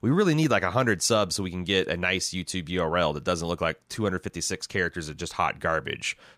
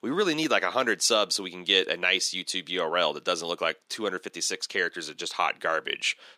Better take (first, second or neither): first